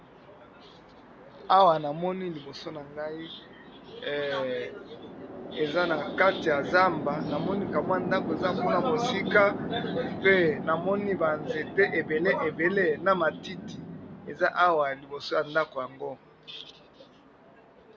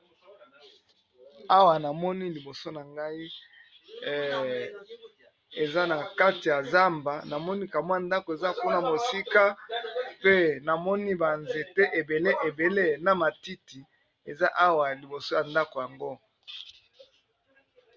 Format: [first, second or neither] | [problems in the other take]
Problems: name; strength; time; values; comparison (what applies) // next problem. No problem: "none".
second | background sound (Chatter / Traffic noise, roadway noise / Train); 9 dB below the speech